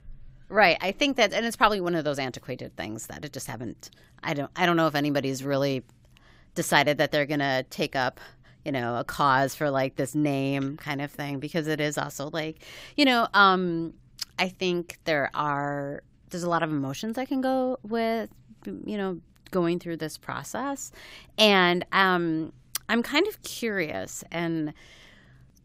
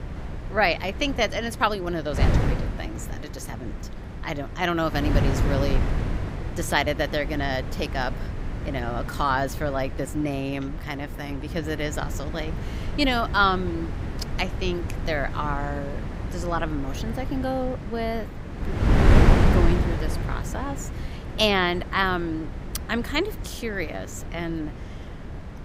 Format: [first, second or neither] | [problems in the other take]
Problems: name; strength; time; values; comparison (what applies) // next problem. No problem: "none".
first | wind noise on the microphone; heavy; 9 dB below the speech